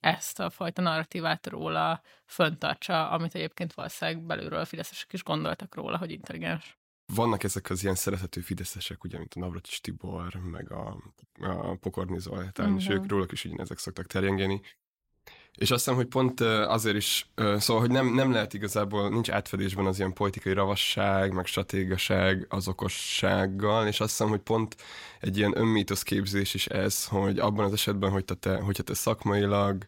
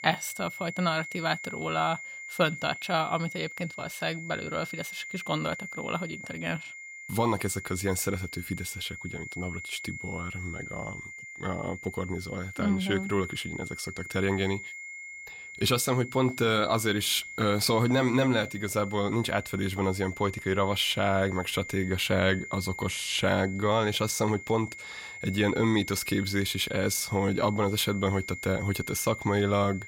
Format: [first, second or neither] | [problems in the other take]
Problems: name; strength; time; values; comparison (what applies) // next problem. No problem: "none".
first | high-pitched whine; noticeable; throughout; 2 kHz, 10 dB below the speech